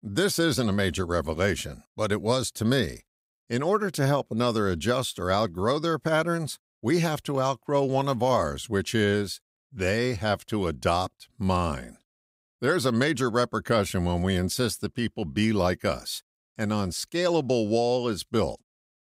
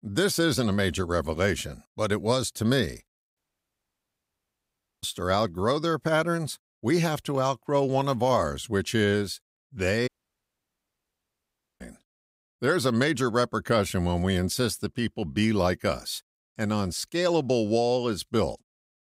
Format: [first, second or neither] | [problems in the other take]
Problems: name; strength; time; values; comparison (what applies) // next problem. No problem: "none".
first | audio cutting out; at 3.5 s for 1.5 s and at 10 s for 1.5 s